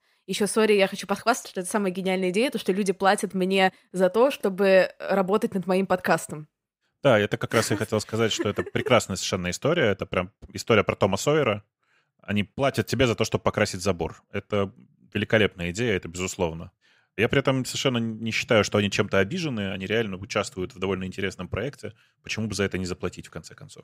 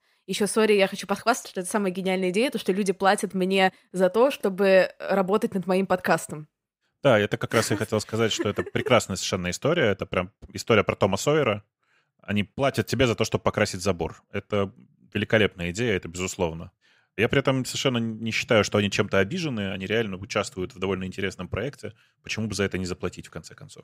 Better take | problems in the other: neither | none

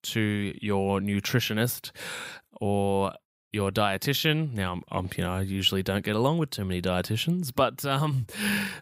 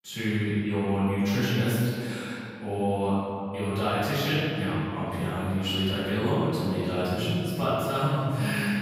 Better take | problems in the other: first | room echo; strong; dies away in 2.4 s // off-mic speech; far

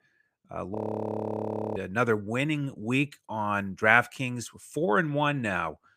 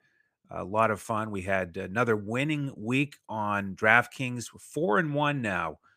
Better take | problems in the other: second | audio freezing; at 1 s for 1 s

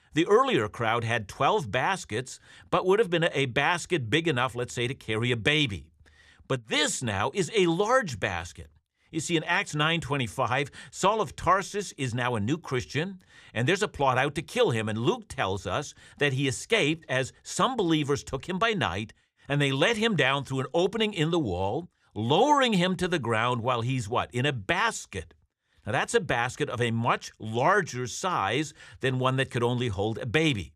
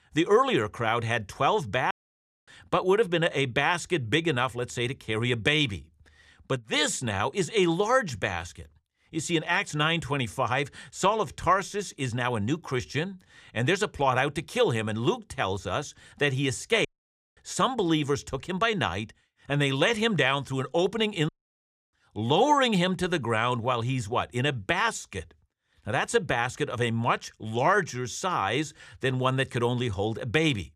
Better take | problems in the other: first | audio cutting out; at 2 s for 0.5 s, at 17 s for 0.5 s and at 21 s for 0.5 s

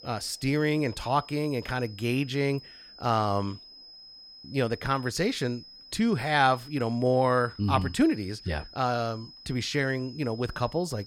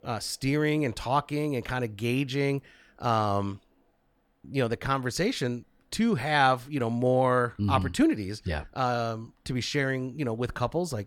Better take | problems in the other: second | high-pitched whine; noticeable; throughout; 5 kHz, 20 dB below the speech

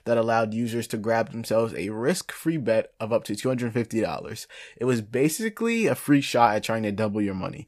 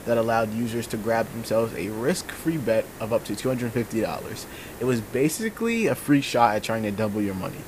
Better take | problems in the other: first | hiss; noticeable; throughout; 15 dB below the speech

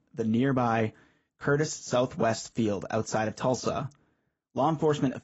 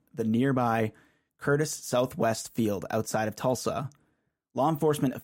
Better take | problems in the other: second | garbled, watery; badly; nothing above 7.5 kHz

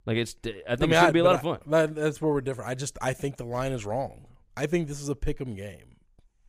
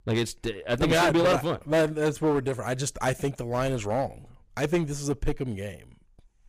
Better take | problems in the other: first | distortion; heavy; 8% of the sound clipped

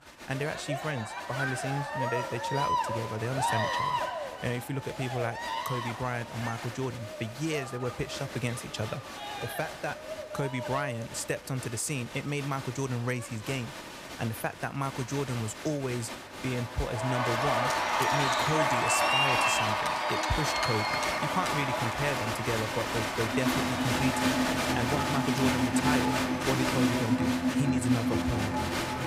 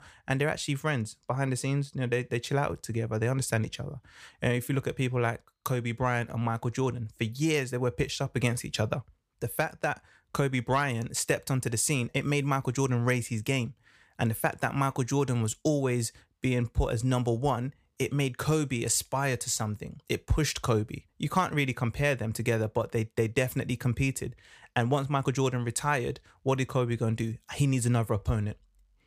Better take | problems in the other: second | crowd noise; very loud; throughout; 4 dB above the speech

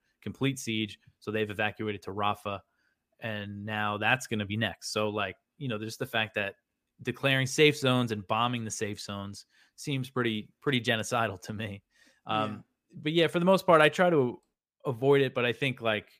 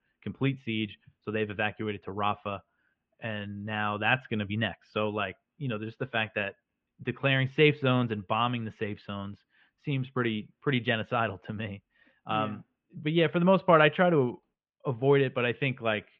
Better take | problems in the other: first | muffled; very slightly; fading above 3 kHz

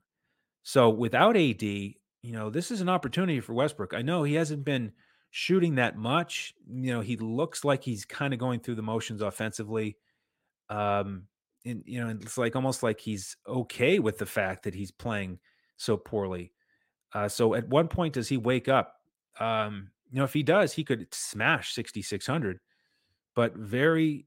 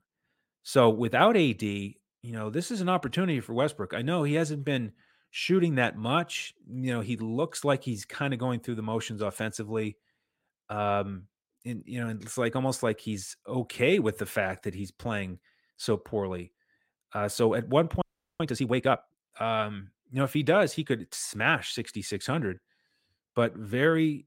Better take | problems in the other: first | audio freezing; at 18 s

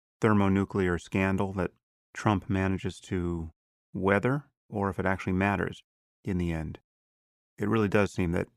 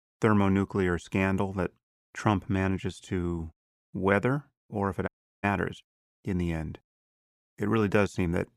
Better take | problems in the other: first | audio cutting out; at 5 s

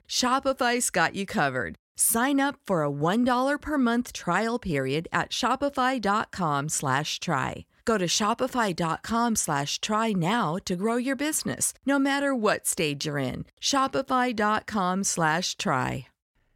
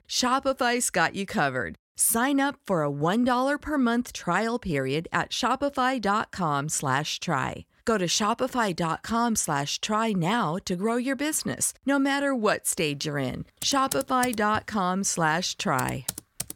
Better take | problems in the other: first | keyboard typing; noticeable; from 14 s on; peak 7 dB below the speech

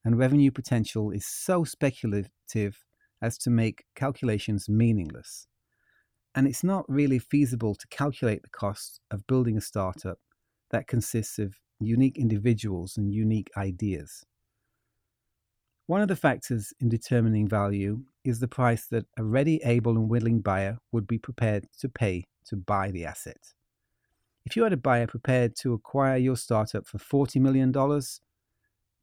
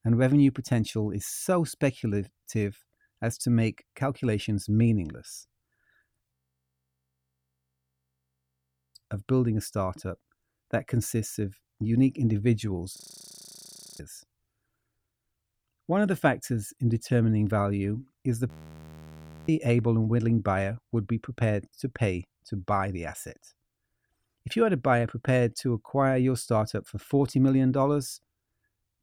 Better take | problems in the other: first | audio freezing; at 6.5 s for 2.5 s, at 13 s for 1 s and at 18 s for 1 s

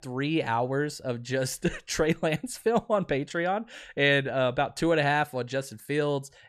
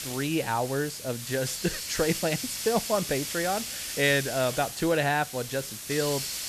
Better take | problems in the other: first | hiss; loud; throughout; 5 dB below the speech

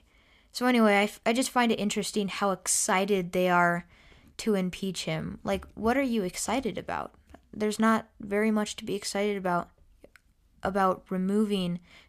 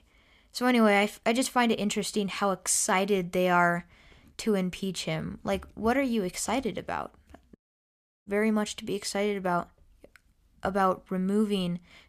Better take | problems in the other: first | audio cutting out; at 7.5 s for 0.5 s

